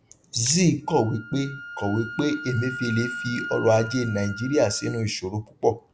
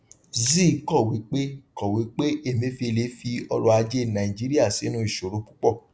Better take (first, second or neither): second